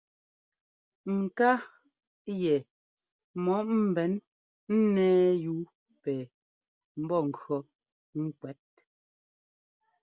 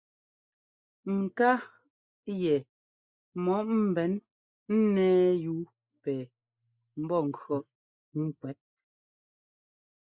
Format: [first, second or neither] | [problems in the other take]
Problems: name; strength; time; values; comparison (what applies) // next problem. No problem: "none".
first | noise reduction (neural mask model Resemble Enhance denoiser)